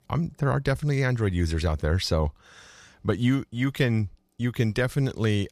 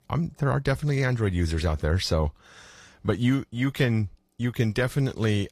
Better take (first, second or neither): first